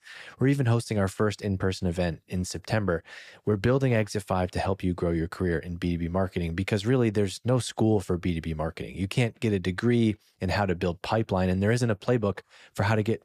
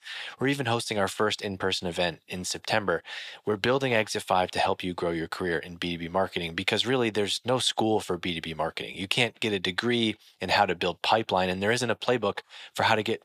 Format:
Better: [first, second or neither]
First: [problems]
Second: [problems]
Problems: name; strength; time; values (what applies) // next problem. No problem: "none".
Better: first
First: none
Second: thin; somewhat; fading below 550 Hz